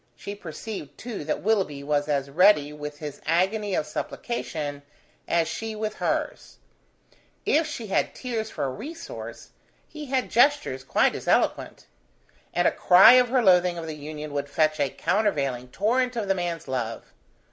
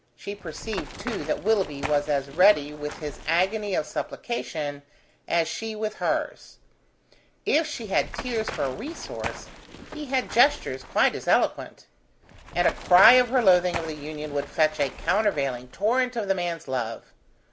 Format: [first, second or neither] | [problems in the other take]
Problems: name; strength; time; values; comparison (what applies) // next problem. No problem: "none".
first | background sound (Run); 13 dB below the speech